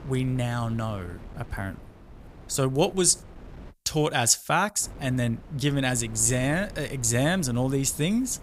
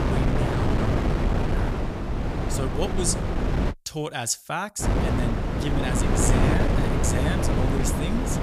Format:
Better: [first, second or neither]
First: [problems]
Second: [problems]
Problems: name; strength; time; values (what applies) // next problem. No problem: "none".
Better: first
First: wind noise on the microphone; occasional gusts; until 3.5 s and from 5 s on; 25 dB below the speech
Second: wind noise on the microphone; heavy; until 3.5 s and from 5 s on; 2 dB above the speech